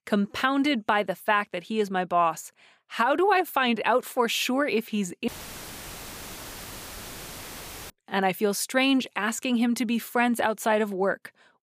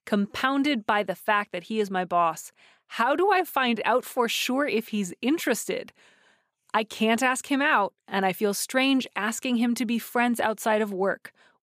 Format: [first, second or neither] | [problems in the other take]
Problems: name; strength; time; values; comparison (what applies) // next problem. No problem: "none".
second | audio cutting out; filled with static; at 5.5 s for 2.5 s